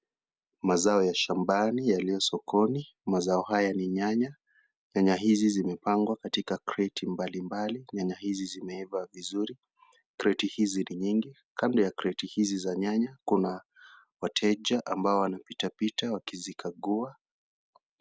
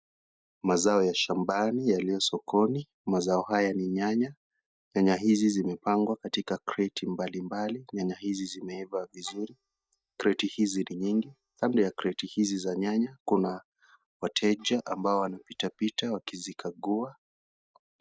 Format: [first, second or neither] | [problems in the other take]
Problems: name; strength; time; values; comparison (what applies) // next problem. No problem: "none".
first | noise reduction (neural mask model DeepFilterNet 3)